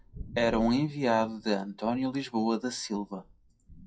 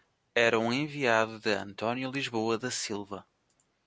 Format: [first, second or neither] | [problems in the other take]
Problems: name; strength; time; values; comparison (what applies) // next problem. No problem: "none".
second | noise reduction (classical method WPE with log-MMSE)